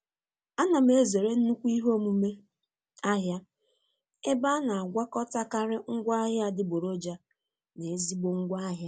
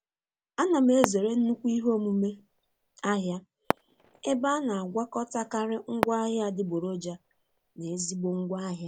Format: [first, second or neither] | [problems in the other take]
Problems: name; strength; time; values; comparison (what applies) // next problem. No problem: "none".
first | background sound (Fireworks); 10 dB below the speech